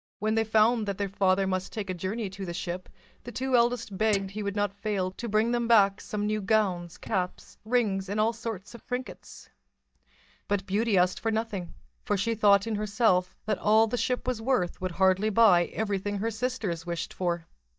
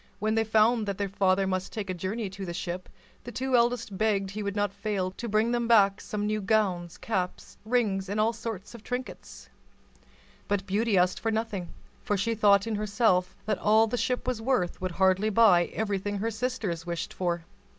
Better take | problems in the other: second | noise reduction (neural mask model DeepFilterNet 3)

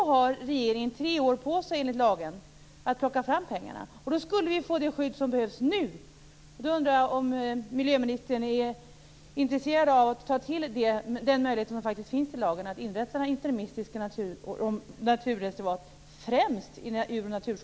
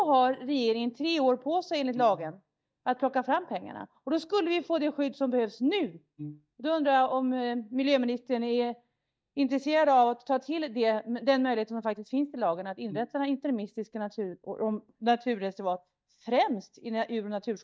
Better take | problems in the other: first | noise reduction (neural mask model DeepFilterNet 3)

